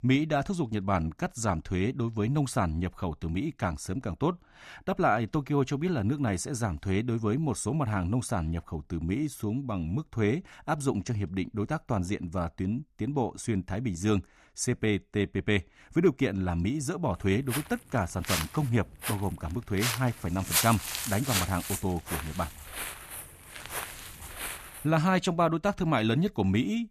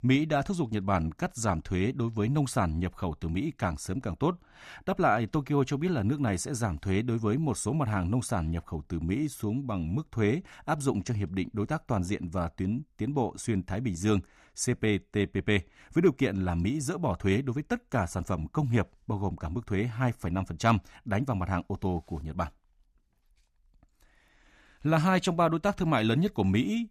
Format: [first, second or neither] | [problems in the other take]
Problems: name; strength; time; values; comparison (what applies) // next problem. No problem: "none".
second | footsteps; loud; from 18 to 25 s; peak 3 dB above the speech